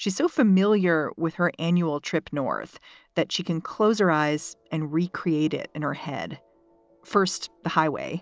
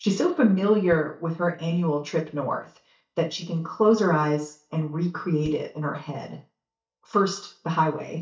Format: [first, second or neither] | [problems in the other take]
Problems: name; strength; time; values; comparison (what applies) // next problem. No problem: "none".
first | noise reduction (neural mask model DeepFilterNet 3)